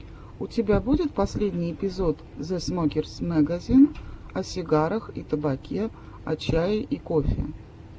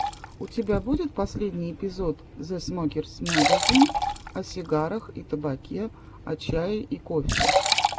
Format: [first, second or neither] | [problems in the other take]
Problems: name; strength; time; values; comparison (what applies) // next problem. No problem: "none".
first | background sound (Liquid); 1 dB below the speech